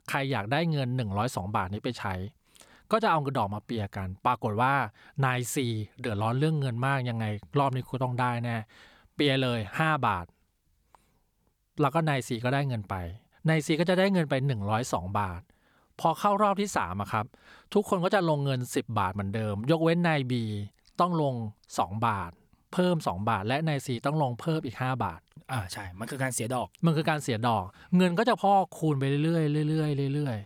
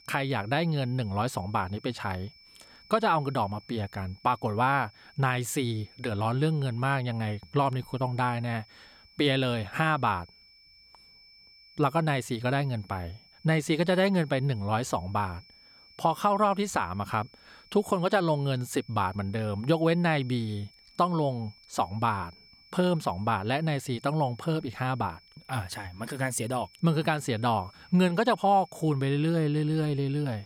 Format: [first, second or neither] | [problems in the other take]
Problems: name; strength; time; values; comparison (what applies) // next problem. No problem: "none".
first | high-pitched whine; faint; throughout; 5.5 kHz, 25 dB below the speech